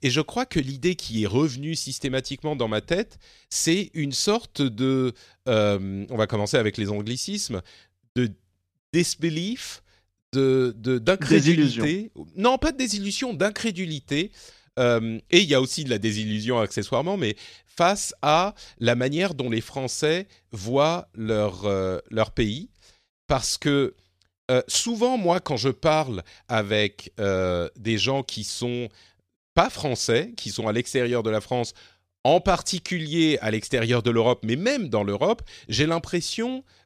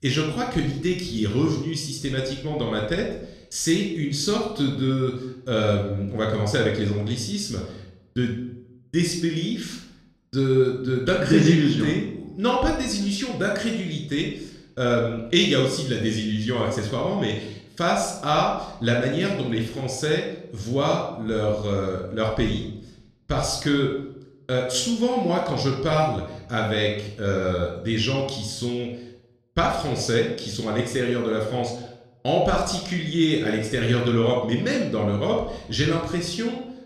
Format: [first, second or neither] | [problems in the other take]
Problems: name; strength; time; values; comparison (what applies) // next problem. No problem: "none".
first | off-mic speech; somewhat distant // room echo; noticeable; dies away in 0.6 s